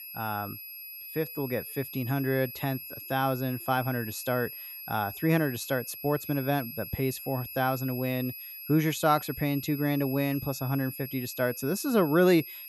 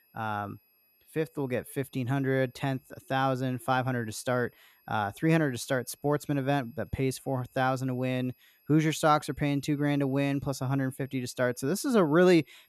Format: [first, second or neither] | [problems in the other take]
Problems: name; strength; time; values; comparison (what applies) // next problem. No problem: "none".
second | high-pitched whine; loud; throughout; 11.5 kHz, 10 dB below the speech; faint in the second